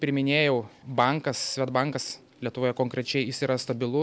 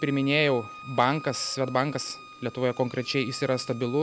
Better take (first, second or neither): first